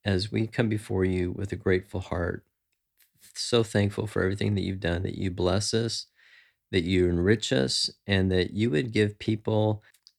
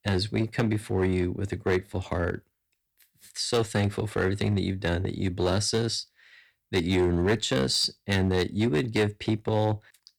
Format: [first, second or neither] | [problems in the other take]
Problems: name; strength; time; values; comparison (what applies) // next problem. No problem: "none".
first | distortion; slight; 5% of the sound clipped